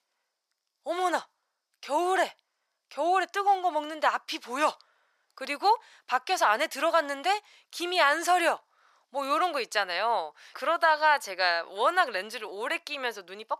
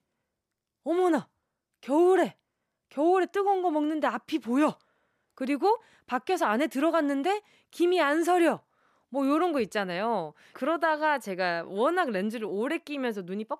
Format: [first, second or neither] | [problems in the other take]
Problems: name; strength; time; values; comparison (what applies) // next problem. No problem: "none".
second | thin; very; fading below 850 Hz